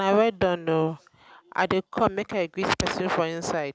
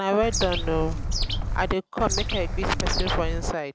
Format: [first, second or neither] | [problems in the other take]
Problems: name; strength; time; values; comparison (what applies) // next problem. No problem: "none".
first | background sound (Bird); 1 dB above the speech